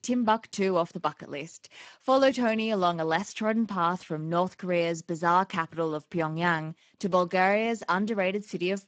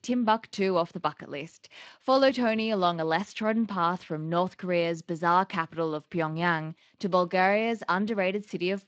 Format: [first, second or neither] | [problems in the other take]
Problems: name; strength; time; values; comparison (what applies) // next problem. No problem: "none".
second | garbled, watery; badly; nothing above 7.5 kHz; slightly in the second